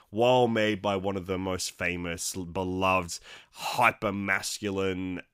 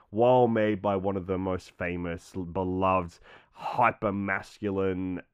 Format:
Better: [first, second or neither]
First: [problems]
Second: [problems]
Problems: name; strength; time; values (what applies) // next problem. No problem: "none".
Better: first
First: none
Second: muffled; very; fading above 3 kHz